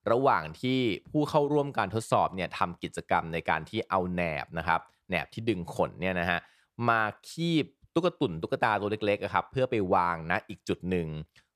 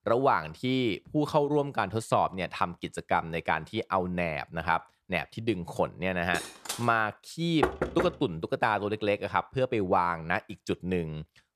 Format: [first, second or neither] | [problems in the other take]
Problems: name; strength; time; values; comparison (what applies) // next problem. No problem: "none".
first | clattering dishes; noticeable; at 6.5 s; peak 7 dB below the speech // door banging; noticeable; at 7.5 s; peak 1 dB below the speech